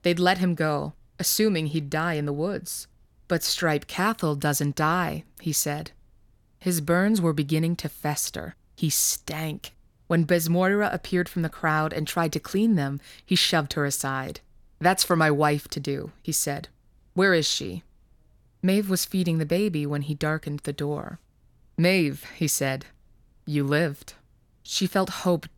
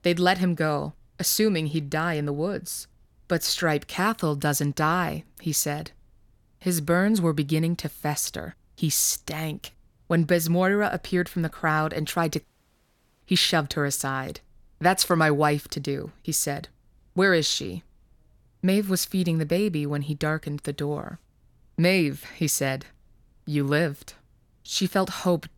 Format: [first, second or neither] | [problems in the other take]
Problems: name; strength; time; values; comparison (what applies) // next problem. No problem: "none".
first | audio cutting out; at 12 s for 1 s